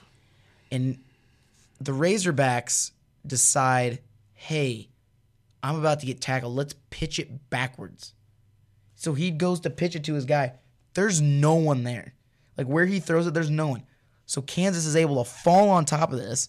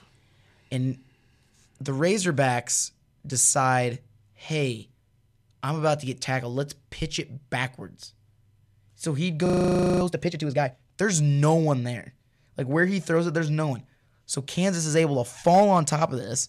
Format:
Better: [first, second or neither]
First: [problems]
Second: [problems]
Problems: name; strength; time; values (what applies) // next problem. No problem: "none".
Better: first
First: none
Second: audio freezing; at 9.5 s for 0.5 s